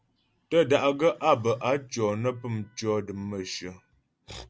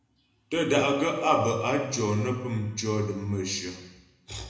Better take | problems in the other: first | room echo; dies away in 0.9 s

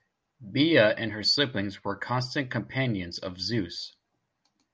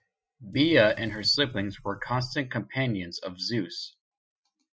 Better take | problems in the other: first | noise reduction (classical method Wiener filter)

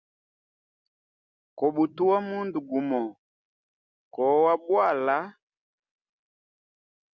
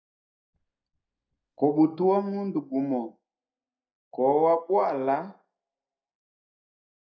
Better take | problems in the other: first | noise reduction (neural mask model DeepFilterNet 3)

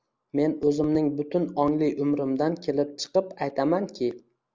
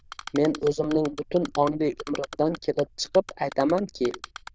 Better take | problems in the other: first | noise reduction (neural diffusion model UNIVERSE++)

